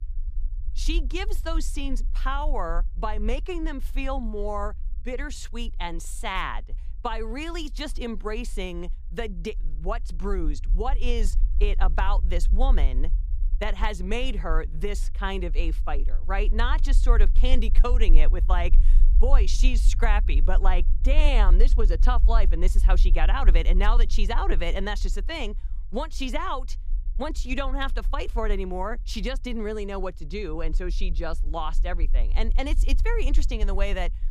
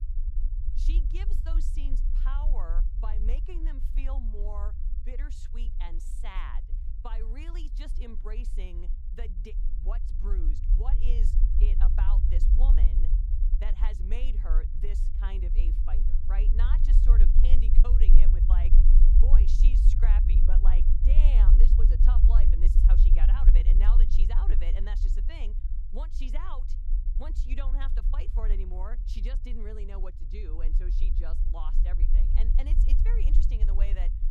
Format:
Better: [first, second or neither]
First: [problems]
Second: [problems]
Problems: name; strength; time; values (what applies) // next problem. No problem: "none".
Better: first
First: low rumble; faint; throughout; 20 dB below the speech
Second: low rumble; loud; throughout; 4 dB below the speech